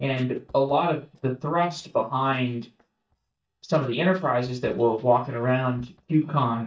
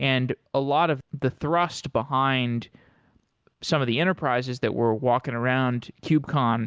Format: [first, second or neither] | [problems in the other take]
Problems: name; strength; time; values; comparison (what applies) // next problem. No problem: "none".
second | noise reduction (neural mask model DeepFilterNet 3)